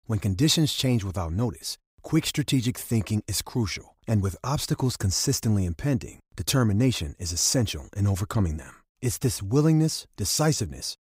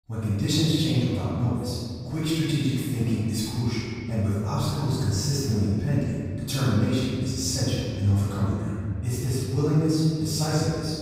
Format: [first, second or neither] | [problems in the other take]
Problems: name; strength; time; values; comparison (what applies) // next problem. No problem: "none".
first | off-mic speech; far // room echo; strong; dies away in 2 s